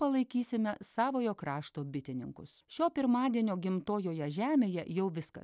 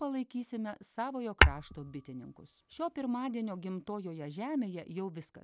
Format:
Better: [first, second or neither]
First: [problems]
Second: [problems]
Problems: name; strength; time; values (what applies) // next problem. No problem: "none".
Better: first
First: none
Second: background sound (Tap / Hammer / Glass); 5 dB above the speech